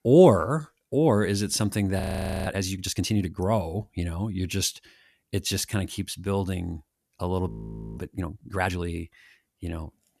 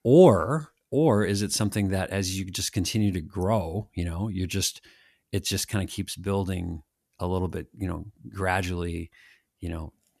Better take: second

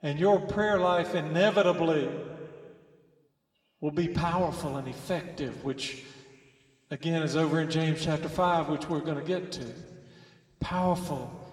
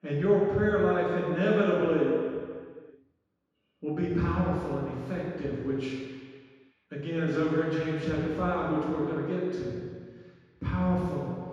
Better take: first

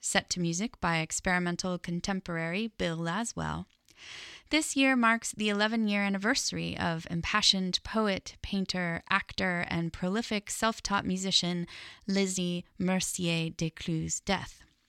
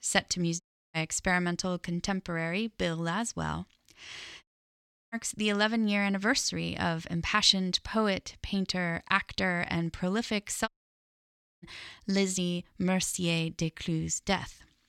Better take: first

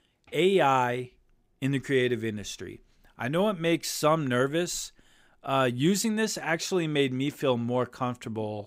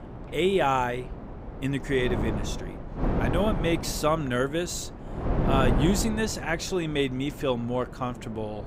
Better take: first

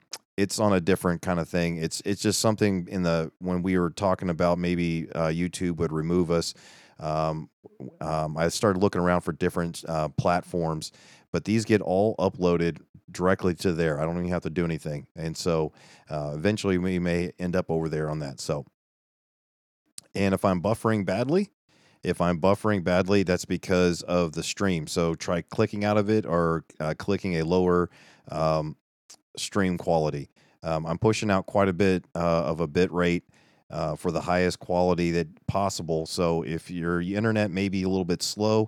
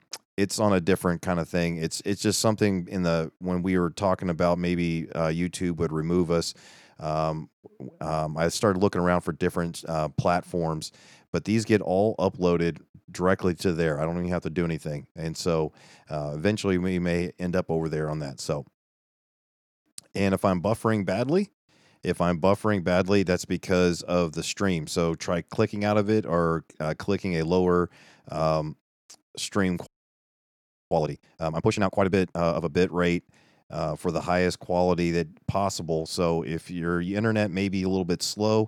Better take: first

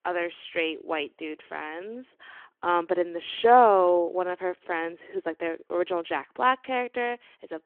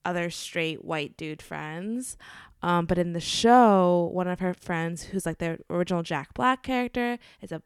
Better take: second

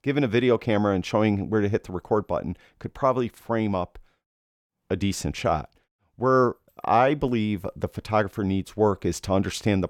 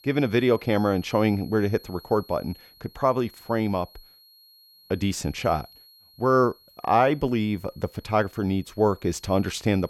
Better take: first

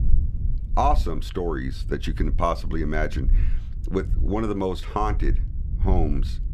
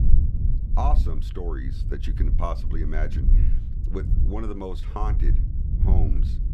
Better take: first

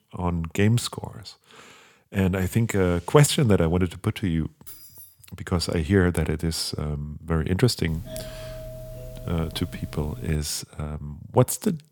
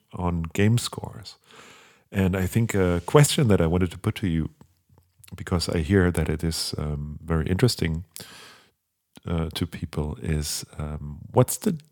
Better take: second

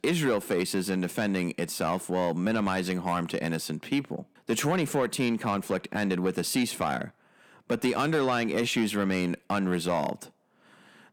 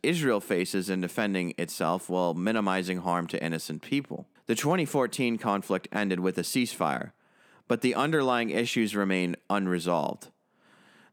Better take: second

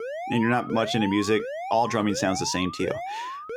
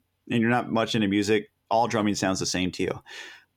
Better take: second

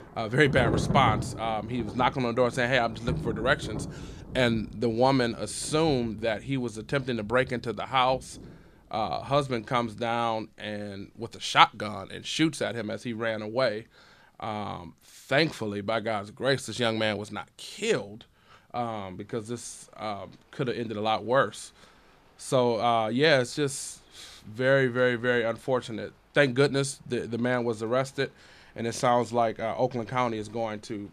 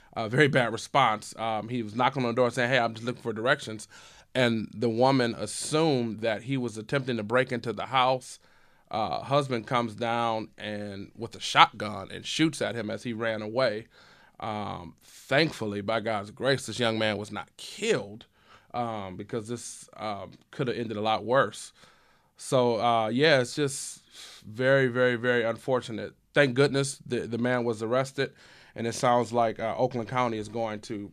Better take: second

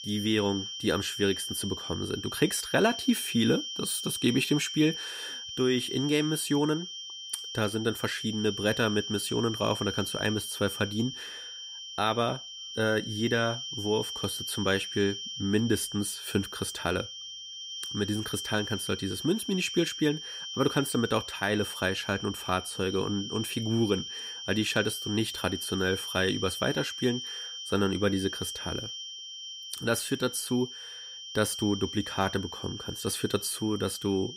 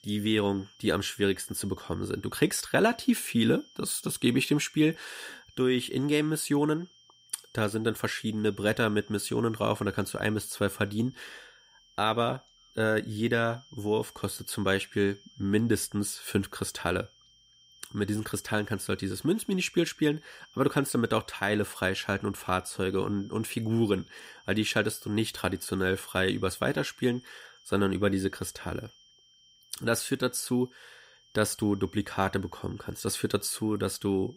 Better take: second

